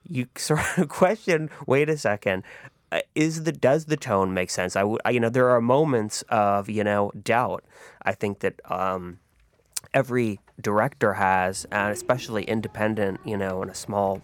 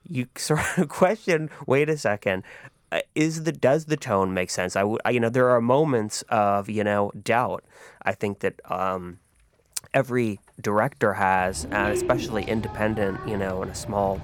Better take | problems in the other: first | animal sounds; loud; throughout; 9 dB below the speech; faint in the first

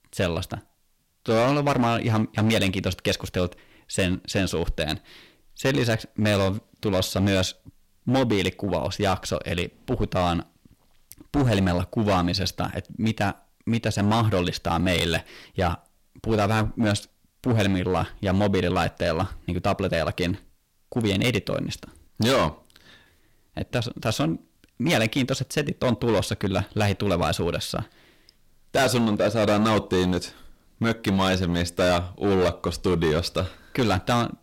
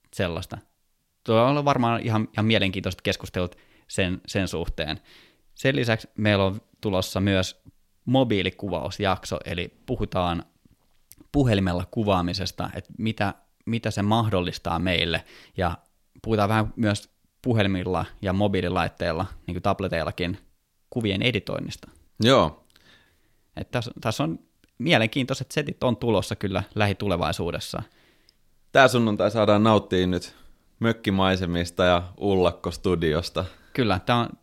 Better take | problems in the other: second | distortion; heavy; 9% of the sound clipped

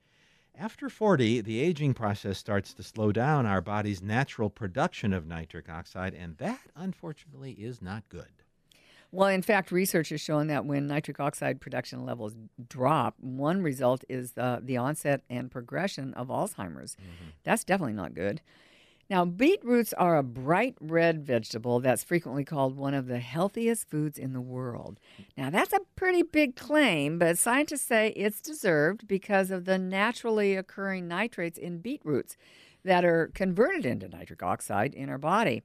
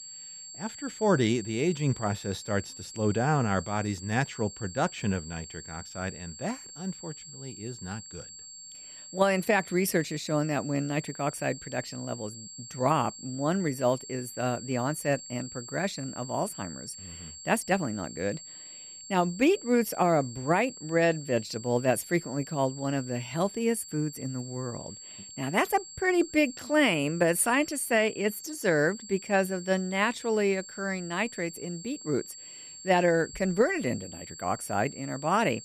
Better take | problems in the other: first | high-pitched whine; noticeable; throughout; 7.5 kHz, 15 dB below the speech

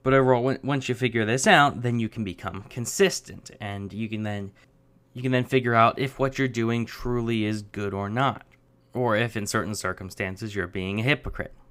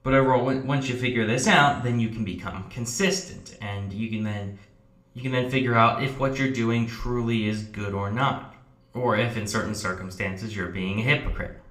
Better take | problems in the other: first | room echo; very slight; dies away in 0.4 s

